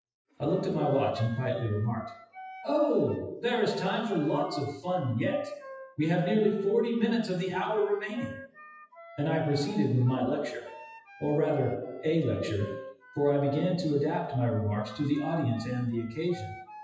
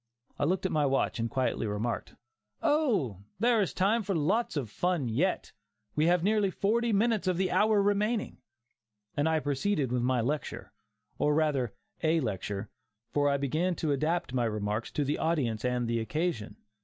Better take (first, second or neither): second